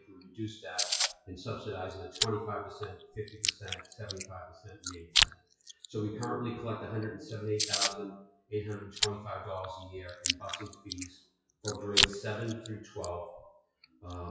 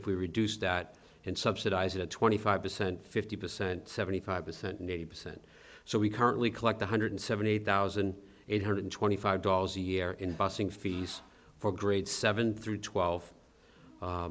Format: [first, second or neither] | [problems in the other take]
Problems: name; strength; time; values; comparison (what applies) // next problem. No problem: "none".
second | noise reduction (classical method WPE with log-MMSE)